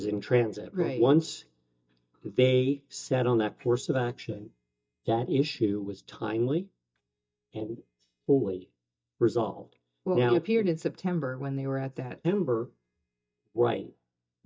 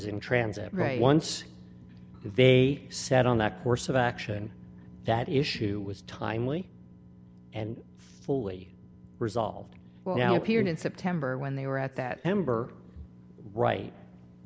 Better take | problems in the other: second | noise reduction (neural mask model DeepFilterNet 3)

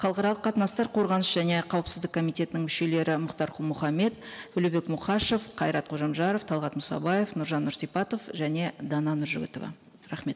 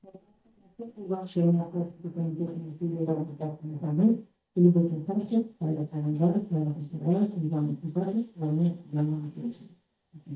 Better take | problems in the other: first | noise reduction (neural mask model DeepFilterNet 3)

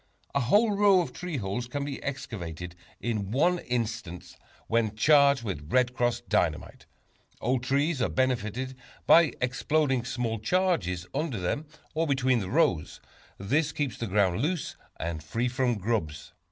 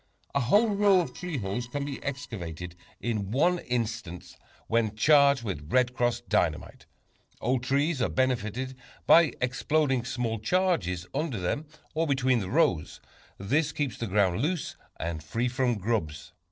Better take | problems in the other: first | noise reduction (neural separator model SepFormer DNS4)

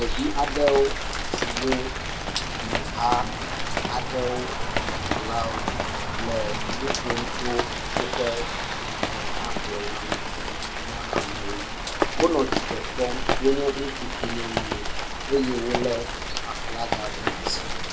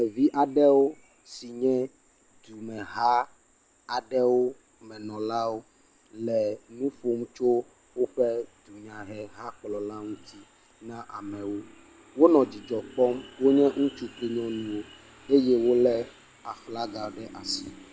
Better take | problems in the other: second | background sound (Rain); 2 dB above the speech // room echo; dies away in 0.3 s

